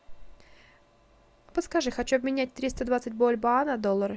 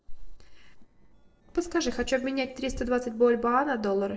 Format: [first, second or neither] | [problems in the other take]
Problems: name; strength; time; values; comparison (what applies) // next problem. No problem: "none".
first | noise reduction (neural separator model SepFormer DNS4)